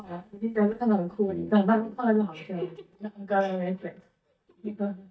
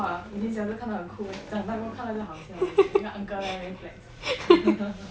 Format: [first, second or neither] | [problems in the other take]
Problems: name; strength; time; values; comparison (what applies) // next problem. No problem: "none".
second | noise reduction (neural mask model DeepFilterNet 3)